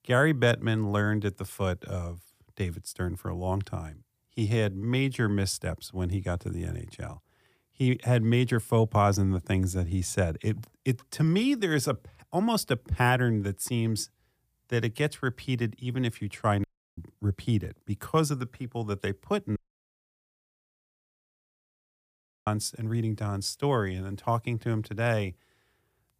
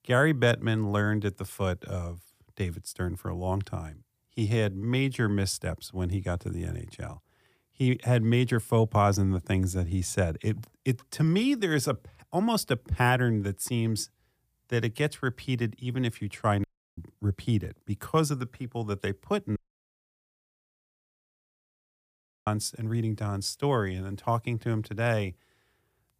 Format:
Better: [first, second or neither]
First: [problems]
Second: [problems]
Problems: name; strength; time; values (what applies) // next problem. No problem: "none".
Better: neither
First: audio cutting out; at 17 s and at 20 s for 3 s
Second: audio cutting out; at 17 s and at 20 s for 3 s